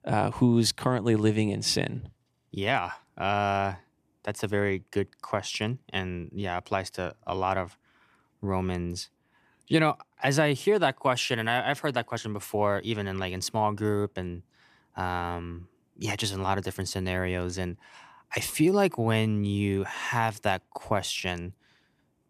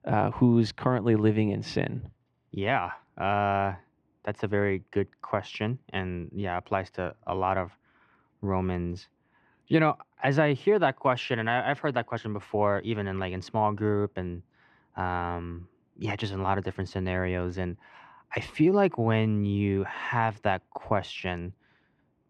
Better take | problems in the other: first | muffled; slightly; fading above 2.5 kHz

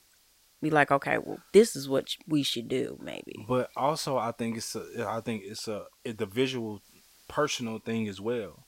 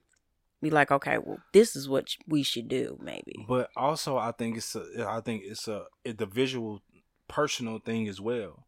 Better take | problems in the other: second | hiss; faint; throughout; 30 dB below the speech

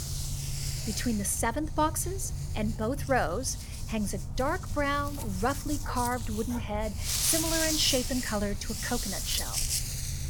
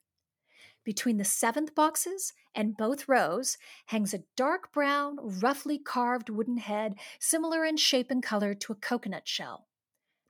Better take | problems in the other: second | animal sounds; loud; throughout; 2 dB below the speech

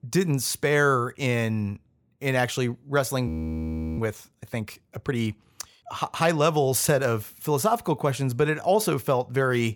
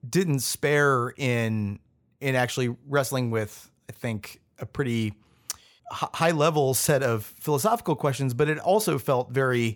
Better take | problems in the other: second | audio freezing; at 3.5 s for 0.5 s

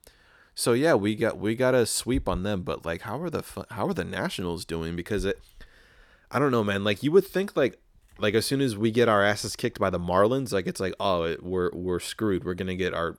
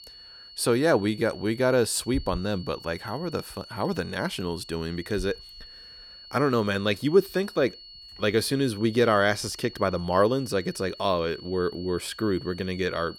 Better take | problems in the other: first | high-pitched whine; noticeable; throughout; 4.5 kHz, 20 dB below the speech

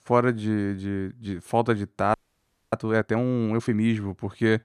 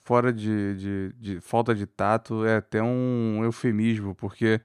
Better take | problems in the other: second | audio freezing; at 2 s for 0.5 s

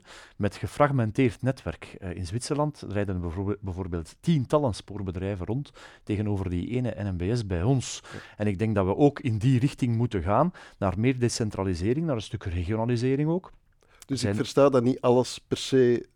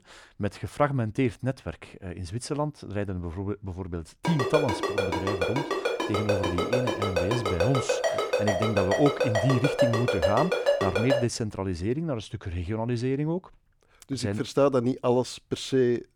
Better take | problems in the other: first | phone ringing; loud; from 4.5 to 11 s; peak 4 dB above the speech

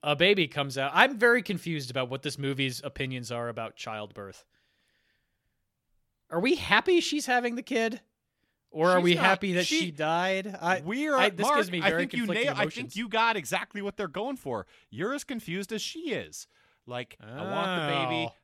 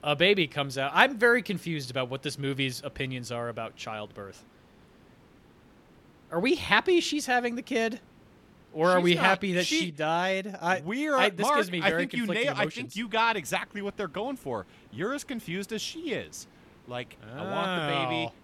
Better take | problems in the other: first | hiss; faint; until 10 s and from 13 s on; 30 dB below the speech

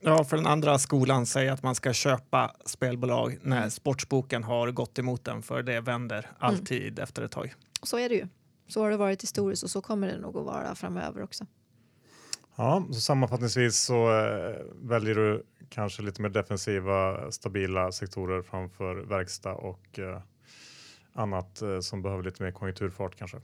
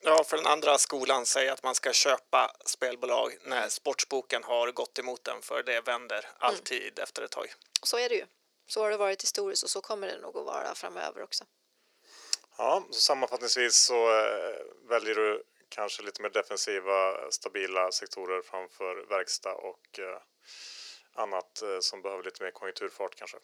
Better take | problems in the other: first | thin; very; fading below 400 Hz

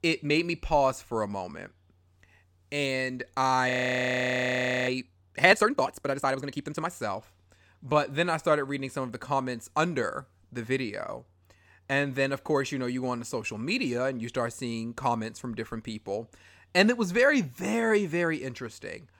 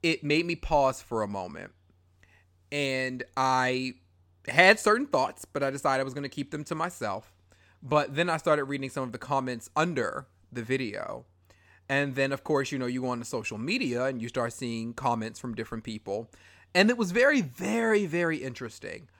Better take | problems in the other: second | audio freezing; at 3.5 s for 1 s

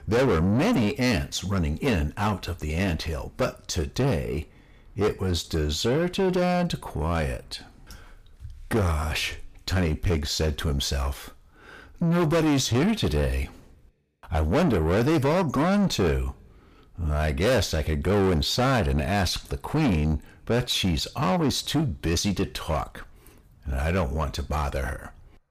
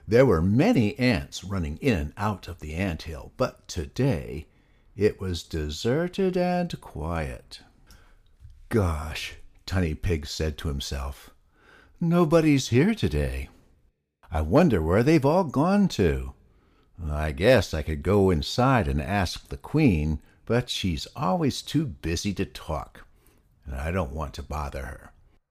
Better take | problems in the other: second | distortion; heavy; 6 dB below the speech

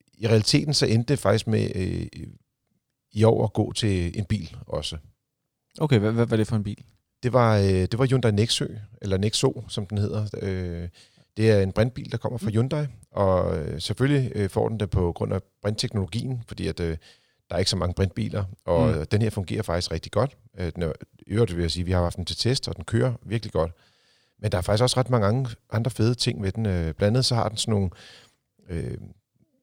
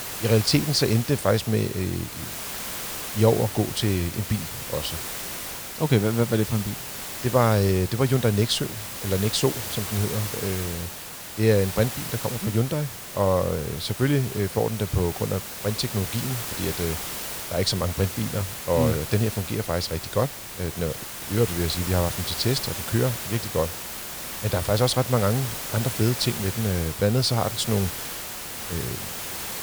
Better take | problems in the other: first | hiss; loud; throughout; 6 dB below the speech

